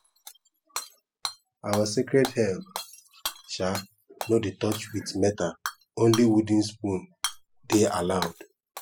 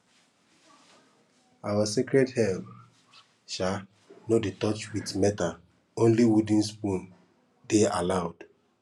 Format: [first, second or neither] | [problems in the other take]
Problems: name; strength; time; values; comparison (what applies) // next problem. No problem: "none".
second | noise reduction (classical method spectral subtraction)